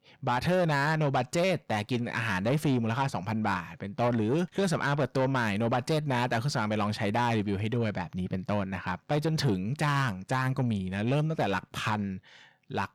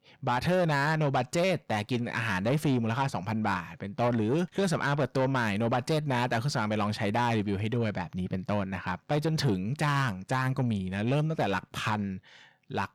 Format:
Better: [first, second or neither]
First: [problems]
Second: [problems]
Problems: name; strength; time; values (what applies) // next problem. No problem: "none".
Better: neither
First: distortion; slight; 10 dB below the speech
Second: distortion; slight; 10 dB below the speech